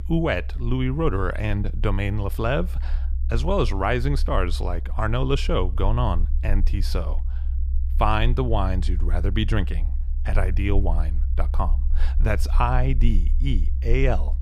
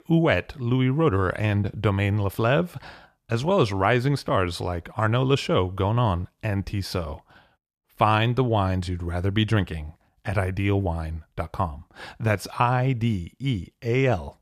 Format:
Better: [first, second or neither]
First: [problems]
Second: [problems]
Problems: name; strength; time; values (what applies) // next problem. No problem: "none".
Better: second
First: low rumble; faint; throughout; 20 dB below the speech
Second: none